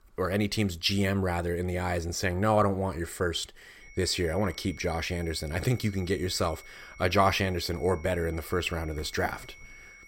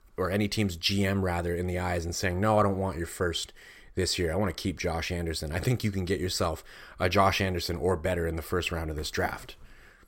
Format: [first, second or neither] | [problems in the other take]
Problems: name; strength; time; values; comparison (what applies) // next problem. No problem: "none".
second | high-pitched whine; faint; from 4 s on; 2 kHz, 20 dB below the speech